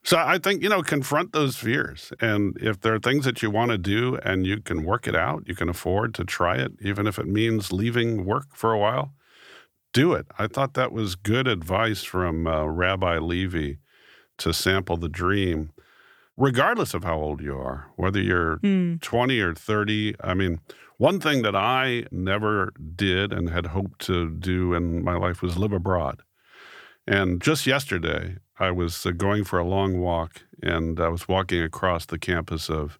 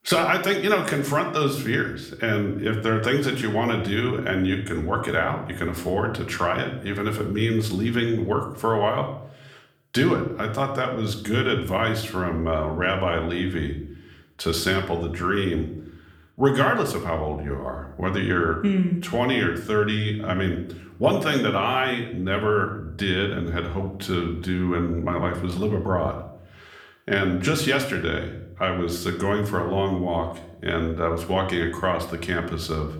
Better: first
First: none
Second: room echo; slight; dies away in 0.5 s

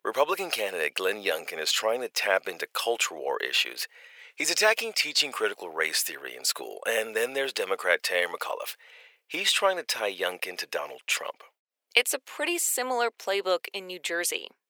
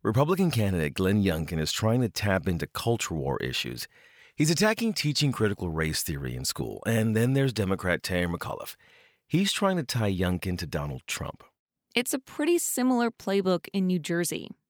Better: second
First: thin; very; fading below 500 Hz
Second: none

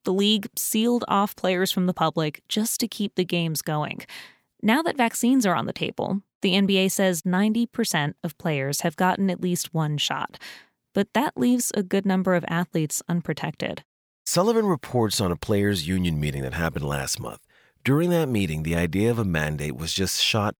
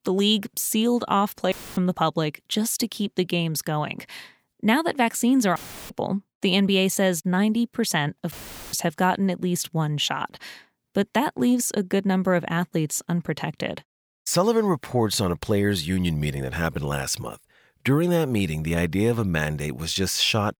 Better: first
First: none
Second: audio cutting out; filled with static; at 1.5 s, at 5.5 s and at 8.5 s

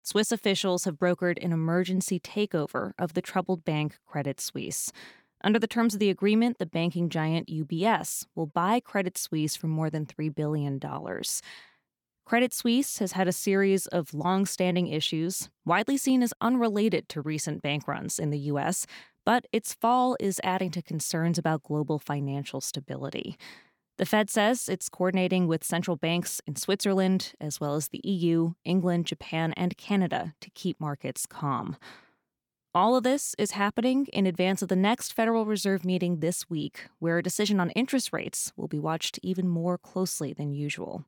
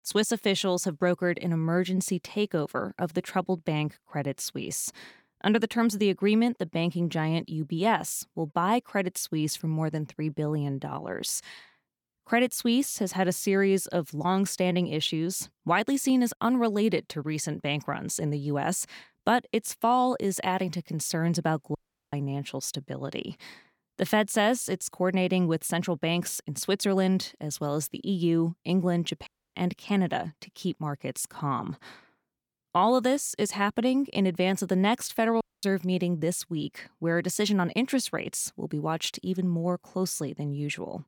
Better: first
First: none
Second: audio cutting out; at 22 s, at 29 s and at 35 s

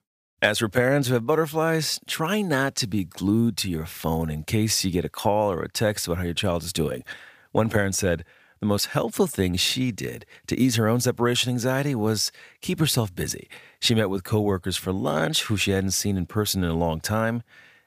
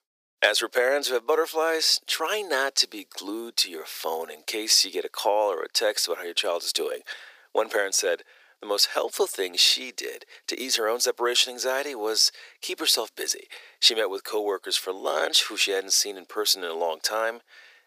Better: first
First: none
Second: thin; very; fading below 350 Hz

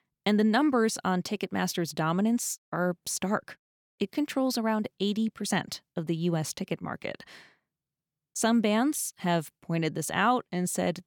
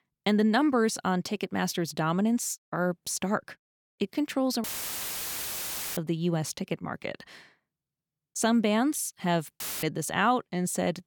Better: first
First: none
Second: audio cutting out; filled with static; at 4.5 s for 1.5 s and at 9.5 s

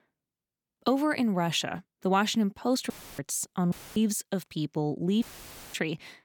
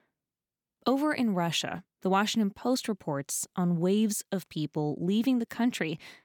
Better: second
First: audio cutting out; filled with static; at 3 s, at 3.5 s and at 5 s for 0.5 s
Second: none

